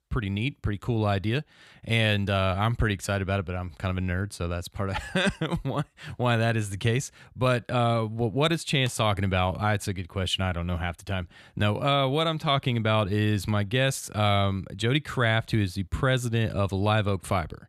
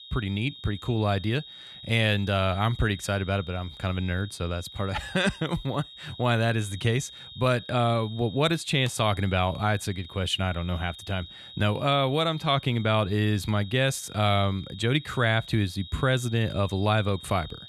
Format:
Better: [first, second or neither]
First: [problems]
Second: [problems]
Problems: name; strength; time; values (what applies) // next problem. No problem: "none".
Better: first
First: none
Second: high-pitched whine; noticeable; throughout; 4 kHz, 15 dB below the speech